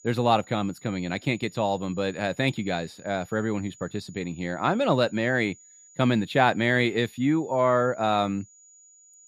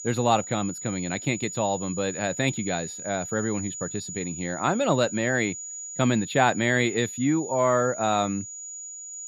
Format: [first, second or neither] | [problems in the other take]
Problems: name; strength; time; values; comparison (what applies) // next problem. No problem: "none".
first | high-pitched whine; loud; throughout; 7 kHz, 9 dB below the speech; faint in the first